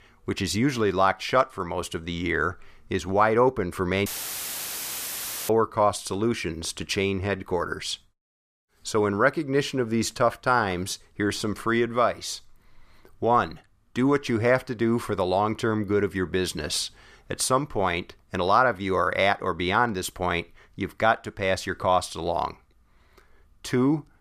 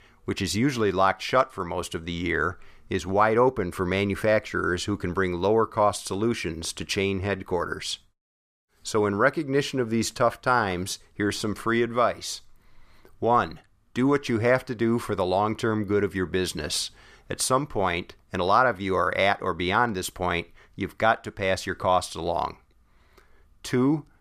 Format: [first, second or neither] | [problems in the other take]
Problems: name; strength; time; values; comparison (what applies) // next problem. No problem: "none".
second | audio cutting out; filled with static; at 4 s for 1.5 s